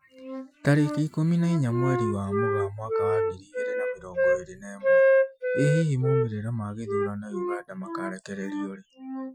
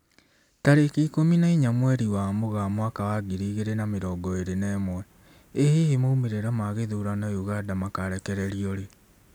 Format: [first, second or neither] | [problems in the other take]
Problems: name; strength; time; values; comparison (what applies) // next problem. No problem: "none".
second | noise reduction (classical method Wiener filter)